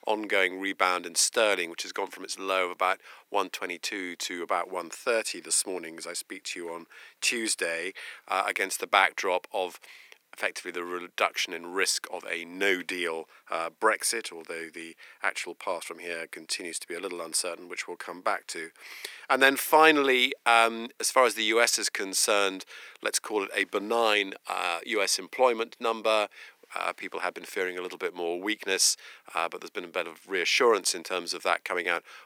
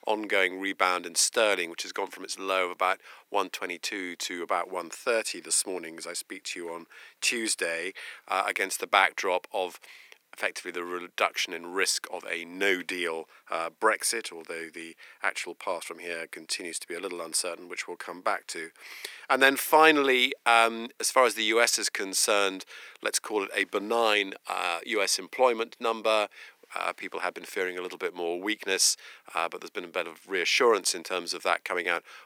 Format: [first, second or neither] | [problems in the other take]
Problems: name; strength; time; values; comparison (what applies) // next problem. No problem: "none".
neither | thin; very; fading below 300 Hz; the same in both